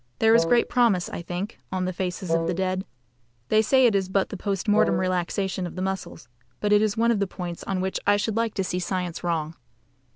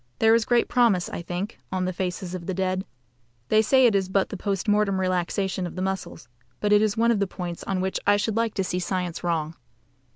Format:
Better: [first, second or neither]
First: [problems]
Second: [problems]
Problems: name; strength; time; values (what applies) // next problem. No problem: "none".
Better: second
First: background sound (Wind instrument, woodwind instrument); 4 dB below the speech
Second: none